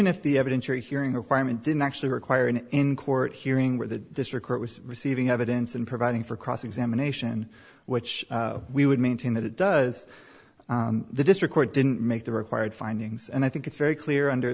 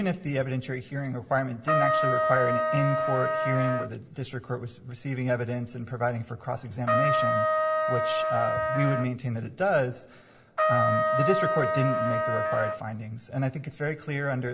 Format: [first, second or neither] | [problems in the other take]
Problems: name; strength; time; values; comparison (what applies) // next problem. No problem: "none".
first | background sound (Trumpet); 3 dB above the speech // room echo; dies away in 0.5 s